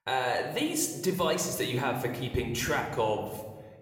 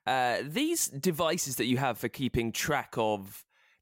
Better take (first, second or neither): second